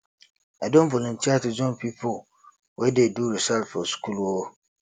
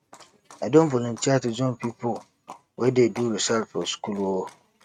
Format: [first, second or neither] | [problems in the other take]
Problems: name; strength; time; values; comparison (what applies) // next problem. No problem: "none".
first | noise reduction (neural mask model RNNoise)